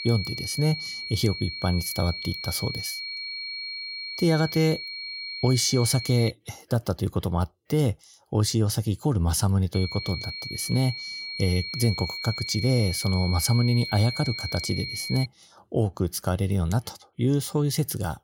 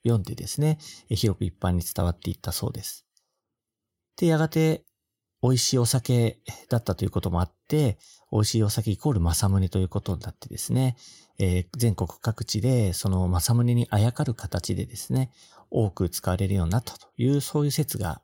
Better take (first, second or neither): second